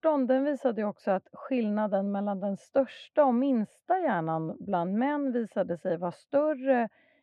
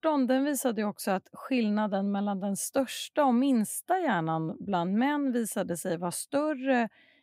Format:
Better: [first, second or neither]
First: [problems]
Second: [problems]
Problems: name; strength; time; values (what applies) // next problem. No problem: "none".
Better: second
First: muffled; very; fading above 2 kHz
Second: none